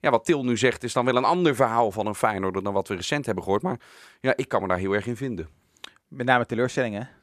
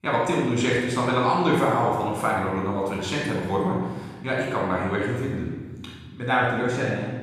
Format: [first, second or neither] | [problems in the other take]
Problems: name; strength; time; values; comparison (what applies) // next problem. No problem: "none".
first | off-mic speech; far // room echo; strong; dies away in 1.4 s